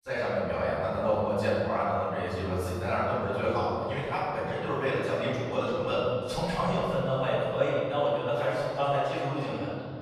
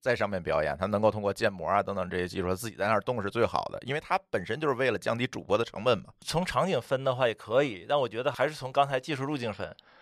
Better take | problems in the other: second | off-mic speech; far // room echo; strong; dies away in 2.5 s

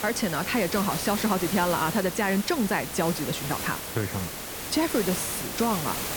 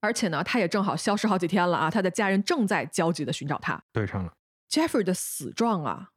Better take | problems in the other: second | hiss; loud; throughout; 4 dB below the speech

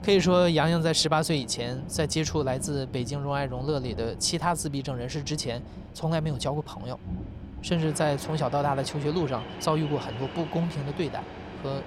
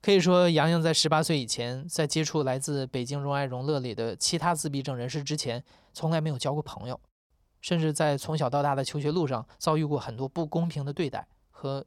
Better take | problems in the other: second | rain or running water; noticeable; throughout; 10 dB below the speech

